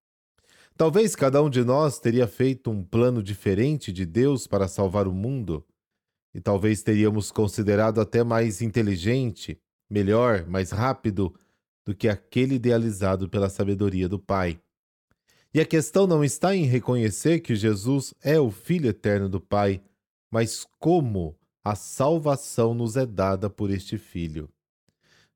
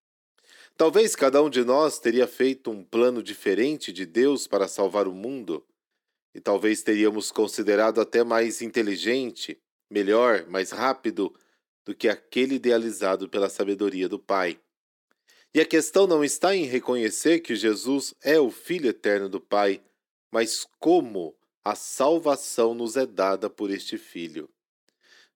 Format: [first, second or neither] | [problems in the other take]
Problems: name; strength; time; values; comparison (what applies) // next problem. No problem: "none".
first | thin; somewhat; fading below 300 Hz